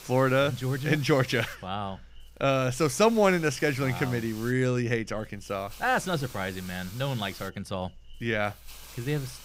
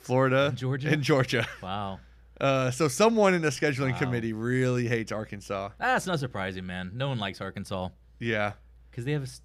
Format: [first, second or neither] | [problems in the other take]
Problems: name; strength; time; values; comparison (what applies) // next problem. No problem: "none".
second | hiss; noticeable; throughout; 20 dB below the speech